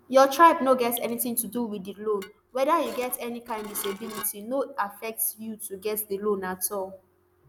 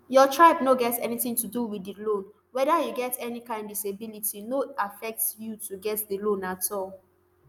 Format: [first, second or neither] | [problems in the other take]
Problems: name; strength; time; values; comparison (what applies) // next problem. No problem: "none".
second | background sound (Dishes, pots, and pans / Glass + Drip); 18 dB below the speech